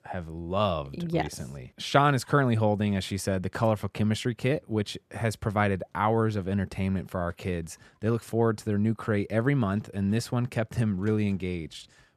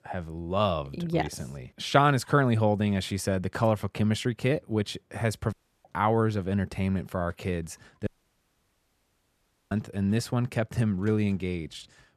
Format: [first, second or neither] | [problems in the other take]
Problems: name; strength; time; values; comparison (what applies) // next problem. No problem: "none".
first | audio cutting out; at 5.5 s and at 8 s for 1.5 s